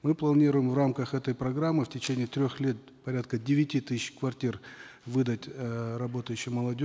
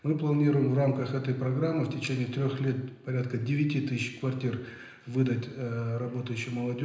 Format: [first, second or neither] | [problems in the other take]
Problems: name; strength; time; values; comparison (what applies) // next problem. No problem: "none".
first | room echo; dies away in 0.9 s